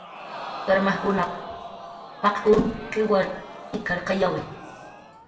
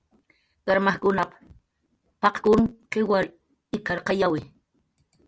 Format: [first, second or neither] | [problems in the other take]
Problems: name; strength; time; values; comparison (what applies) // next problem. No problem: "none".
second | background sound (Crowd); 13 dB below the speech // room echo; dies away in 0.8 s